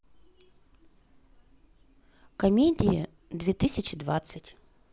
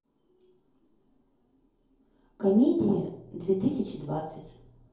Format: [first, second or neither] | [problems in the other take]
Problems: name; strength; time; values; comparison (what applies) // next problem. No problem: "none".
first | room echo; dies away in 2.4 s